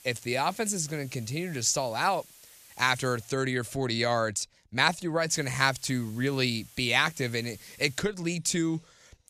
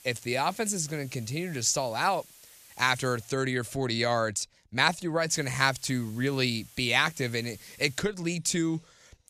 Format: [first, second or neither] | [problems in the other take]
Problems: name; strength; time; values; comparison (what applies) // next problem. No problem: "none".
neither | hiss; faint; until 3.5 s and from 5.5 to 8 s; 25 dB below the speech; the same in both